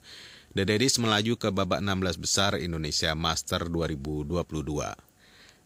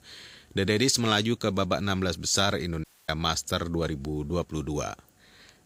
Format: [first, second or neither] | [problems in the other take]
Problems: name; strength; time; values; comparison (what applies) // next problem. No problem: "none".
first | audio cutting out; at 3 s